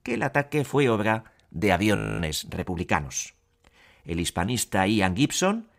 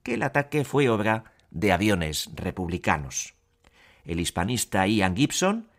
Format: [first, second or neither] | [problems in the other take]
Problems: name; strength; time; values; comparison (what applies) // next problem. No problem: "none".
second | audio freezing; at 2 s